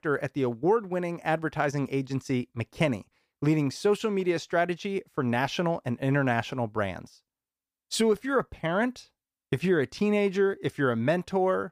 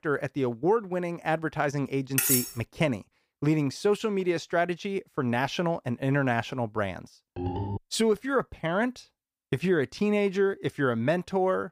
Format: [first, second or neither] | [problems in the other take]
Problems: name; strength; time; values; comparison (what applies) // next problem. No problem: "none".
first | clattering dishes; loud; at 2 s; peak 5 dB above the speech // phone ringing; noticeable; at 7.5 s; peak 4 dB below the speech